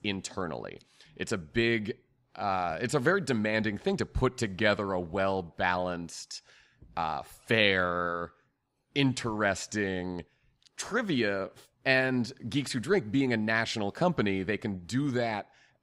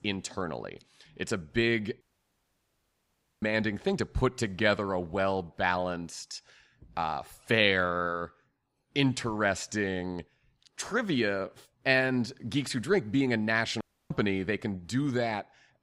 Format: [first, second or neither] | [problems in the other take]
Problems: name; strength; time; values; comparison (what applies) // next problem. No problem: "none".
first | audio cutting out; at 2 s for 1.5 s and at 14 s